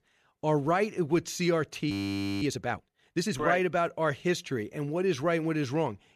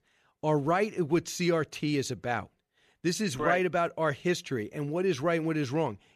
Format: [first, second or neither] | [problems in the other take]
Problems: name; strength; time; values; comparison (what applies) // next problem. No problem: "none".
second | audio freezing; at 2 s for 0.5 s